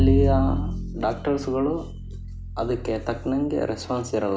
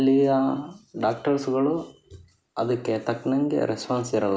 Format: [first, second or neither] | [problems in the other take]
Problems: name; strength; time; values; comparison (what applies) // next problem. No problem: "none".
second | background sound (Bowed string instrument); 2 dB below the speech